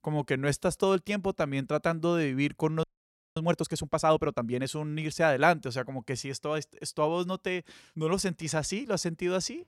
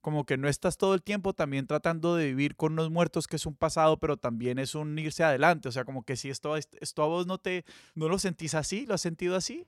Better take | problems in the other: second | audio freezing; at 3 s for 0.5 s

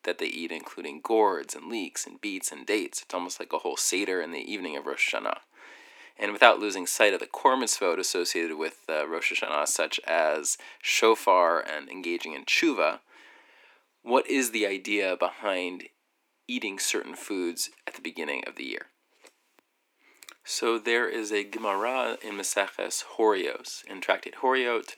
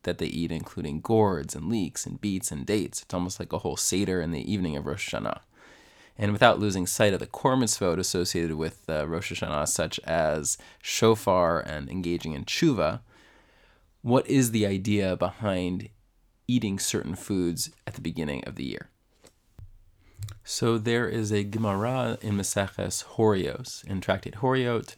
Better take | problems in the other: second | thin; somewhat; fading below 300 Hz

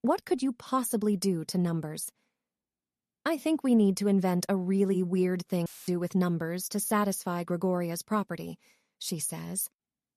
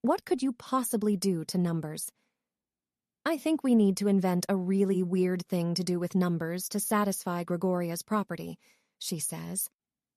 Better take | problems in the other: second | audio cutting out; filled with static; at 5.5 s

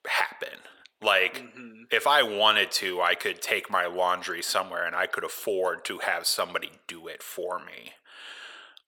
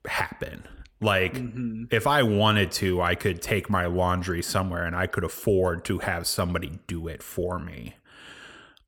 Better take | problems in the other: second | thin; very; fading below 600 Hz

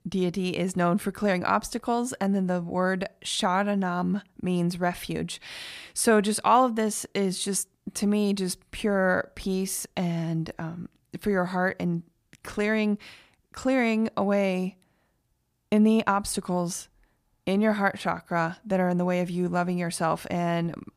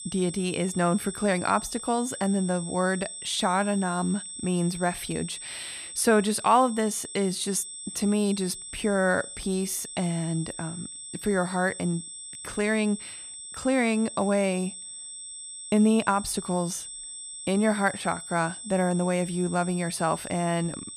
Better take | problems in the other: first | high-pitched whine; loud; throughout; 8 kHz, 10 dB below the speech

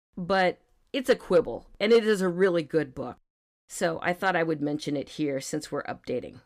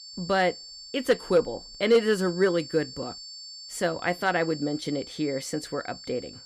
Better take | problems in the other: first | high-pitched whine; noticeable; throughout; 4.5 kHz, 15 dB below the speech

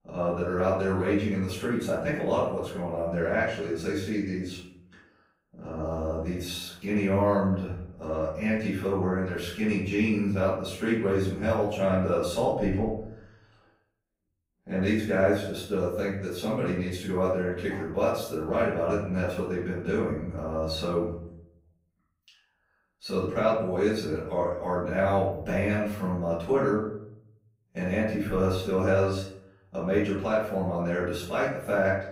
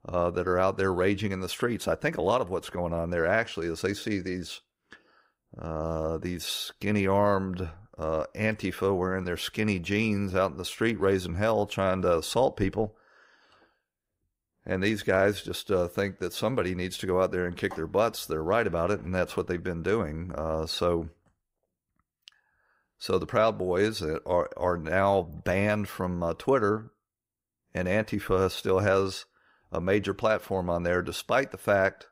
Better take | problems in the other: second | off-mic speech; far // room echo; noticeable; dies away in 0.6 s

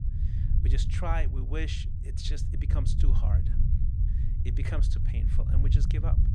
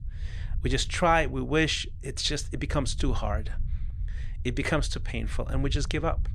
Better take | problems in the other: second | low rumble; loud; throughout; 4 dB below the speech; faint in the second

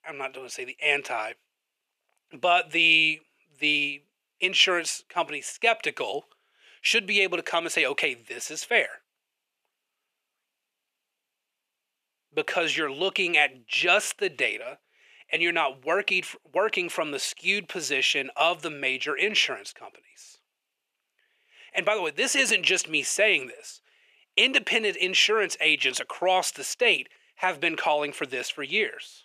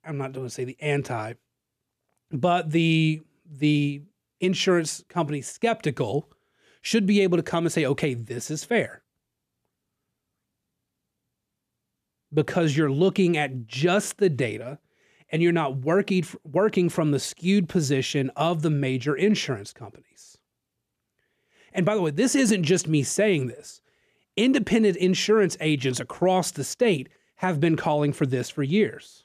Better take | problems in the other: second | thin; very; fading below 650 Hz

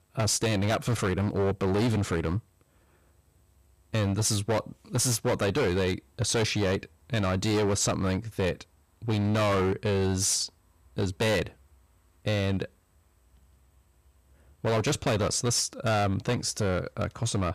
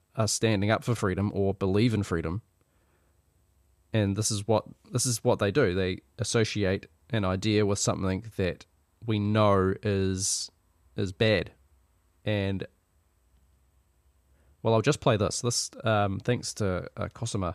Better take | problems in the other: second | distortion; heavy; 15% of the sound clipped

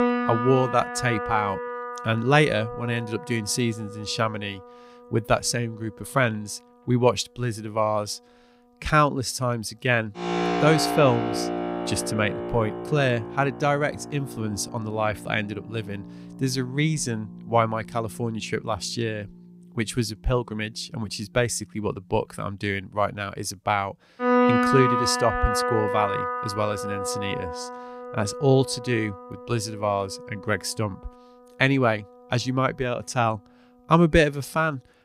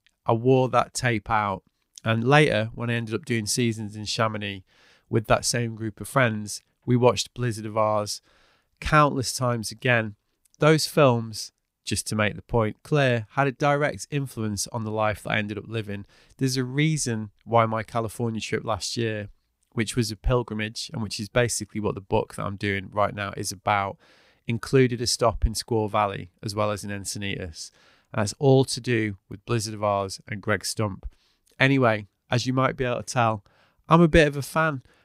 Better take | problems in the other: second | background music; loud; throughout; 4 dB below the speech

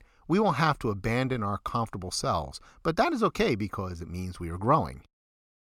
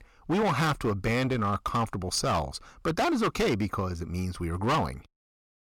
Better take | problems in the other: first | distortion; heavy; 12% of the sound clipped

